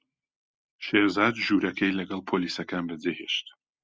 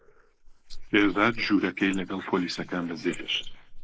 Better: first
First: none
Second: noise reduction (neural mask model Resemble Enhance denoiser)

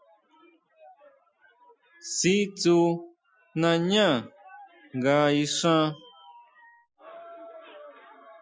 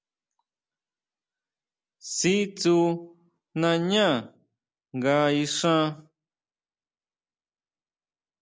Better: second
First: noise reduction (classical method Wiener filter)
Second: none

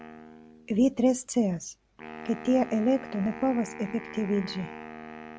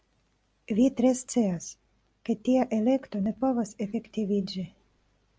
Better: second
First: background sound (Wind instrument, woodwind instrument); 15 dB below the speech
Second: none

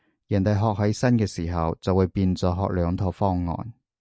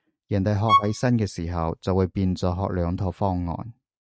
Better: first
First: none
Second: noise reduction (neural mask model RNNoise)

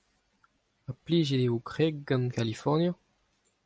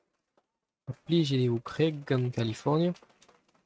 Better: first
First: none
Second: noise reduction (neural mask model RNNoise)

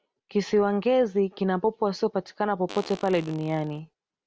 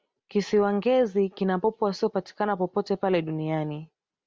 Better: second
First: background sound (Fart); 19 dB below the speech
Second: none

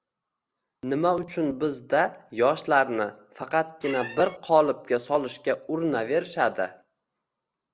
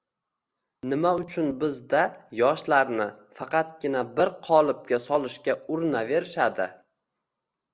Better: second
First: background sound (Squeak); 12 dB below the speech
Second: none

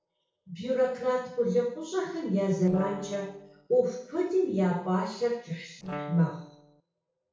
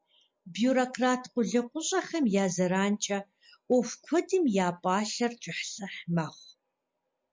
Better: second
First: noise reduction (neural separator model SepFormer DNS4)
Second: none

